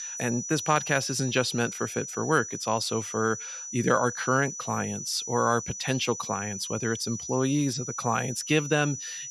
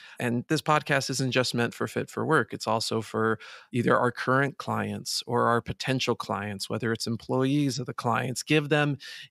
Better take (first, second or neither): second